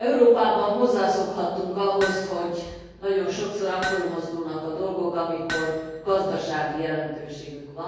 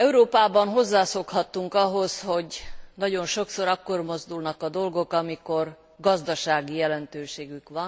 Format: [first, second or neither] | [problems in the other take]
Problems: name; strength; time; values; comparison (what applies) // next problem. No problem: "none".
second | background sound (Hammer); 12 dB below the speech // room echo; dies away in 1.3 s